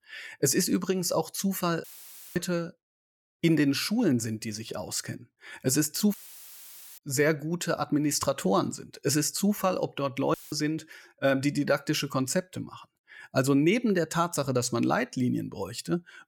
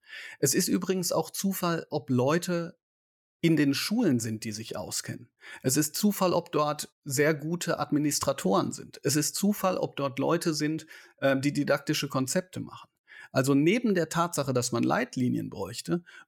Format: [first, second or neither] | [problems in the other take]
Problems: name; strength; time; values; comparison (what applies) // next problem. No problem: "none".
second | audio cutting out; filled with static; at 2 s for 0.5 s, at 6 s for 1 s and at 10 s